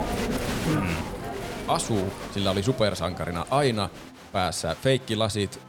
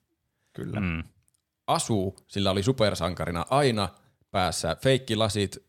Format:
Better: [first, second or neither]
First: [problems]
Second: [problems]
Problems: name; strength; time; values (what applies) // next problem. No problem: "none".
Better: second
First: crowd noise; loud; throughout; 6 dB below the speech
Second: none